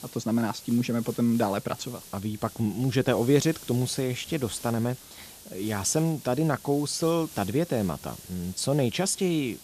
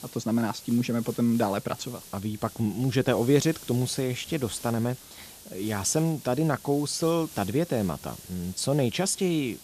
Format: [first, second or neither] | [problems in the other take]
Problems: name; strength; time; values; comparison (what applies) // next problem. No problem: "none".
neither | hiss; noticeable; throughout; 15 dB below the speech; the same in both